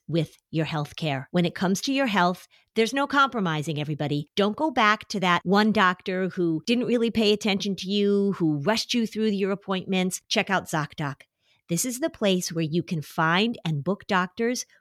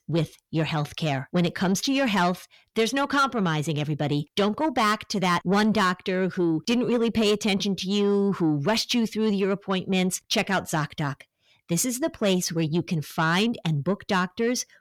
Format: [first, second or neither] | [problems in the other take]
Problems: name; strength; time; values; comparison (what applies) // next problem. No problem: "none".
first | distortion; slight; 10 dB below the speech